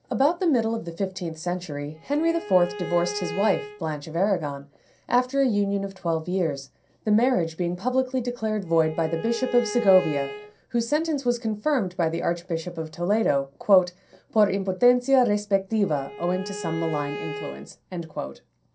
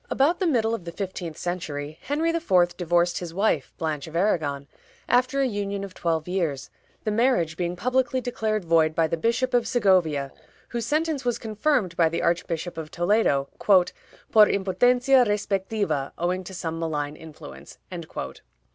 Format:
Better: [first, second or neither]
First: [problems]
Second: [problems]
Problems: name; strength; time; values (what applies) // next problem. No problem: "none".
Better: second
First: background sound (Bowed string instrument); 12 dB below the speech // room echo; dies away in 0.3 s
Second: none